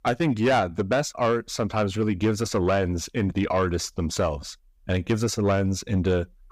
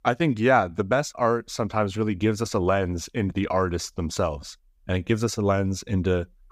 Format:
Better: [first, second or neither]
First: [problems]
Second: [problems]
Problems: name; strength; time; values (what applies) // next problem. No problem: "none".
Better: second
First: distortion; slight; 10 dB below the speech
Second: none